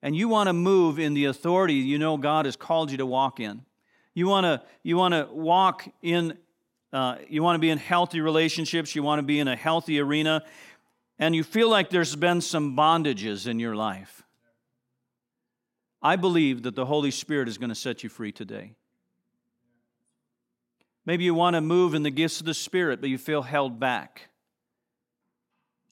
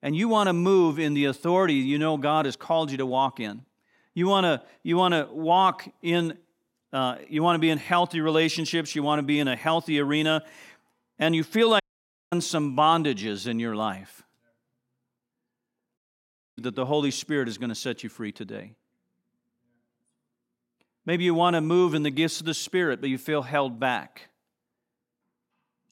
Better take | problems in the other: first | audio cutting out; at 12 s for 0.5 s and at 16 s for 0.5 s

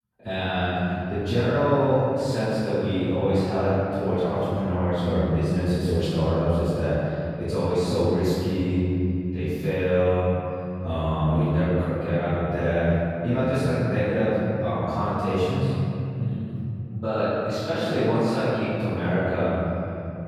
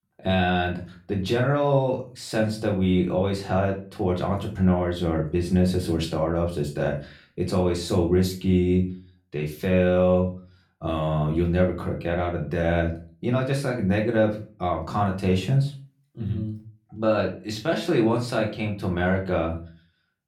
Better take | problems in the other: second | room echo; strong; dies away in 3 s; slight in the second // off-mic speech; far; far in the second

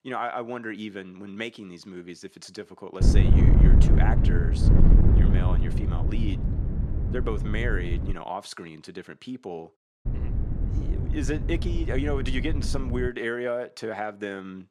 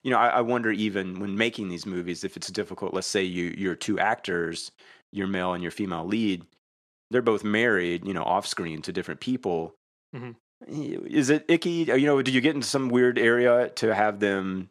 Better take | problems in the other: second | wind noise on the microphone; heavy; from 3 to 8 s and from 10 to 13 s; 3 dB below the speech

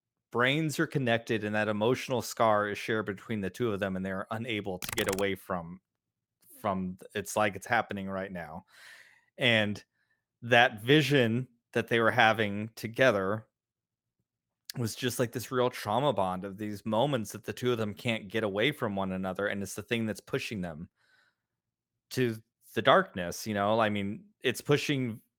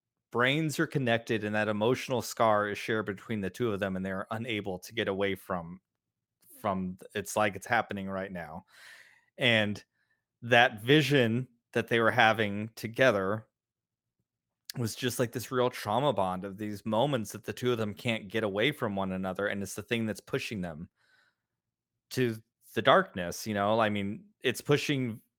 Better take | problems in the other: second | keyboard typing; noticeable; at 5 s; peak 6 dB below the speech

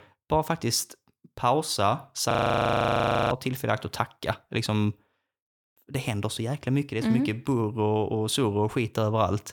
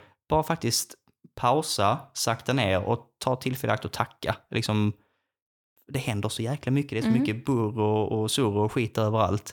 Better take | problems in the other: second | audio freezing; at 2.5 s for 1 s

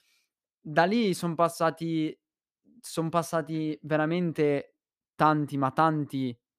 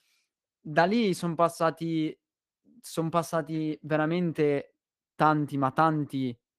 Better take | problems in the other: first | garbled, watery; slightly; nothing above 14.5 kHz

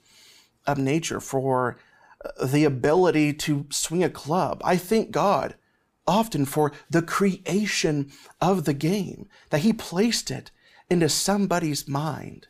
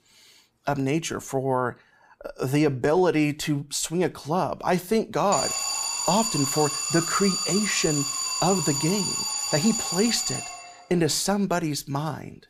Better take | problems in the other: first | alarm; loud; from 5.5 to 11 s; peak 1 dB above the speech

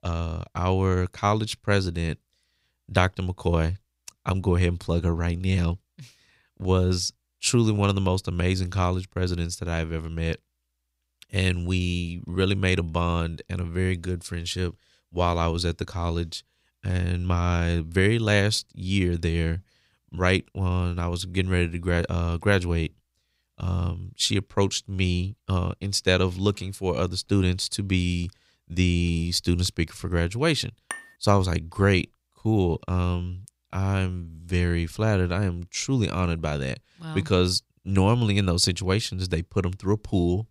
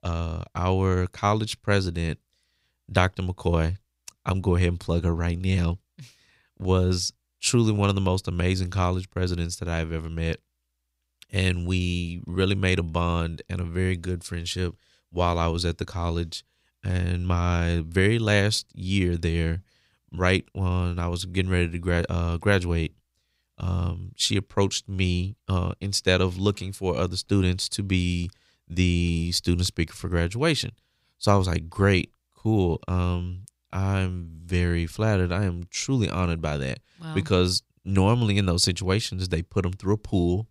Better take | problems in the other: second | clattering dishes; faint; at 31 s; peak 10 dB below the speech

